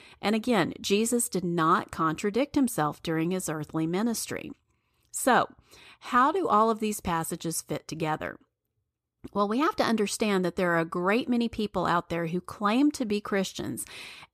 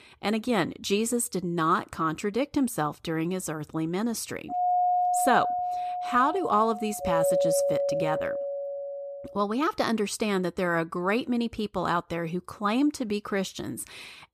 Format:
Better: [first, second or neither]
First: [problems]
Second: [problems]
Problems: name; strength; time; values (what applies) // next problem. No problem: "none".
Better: first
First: none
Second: doorbell; loud; from 4.5 to 9.5 s; peak 4 dB above the speech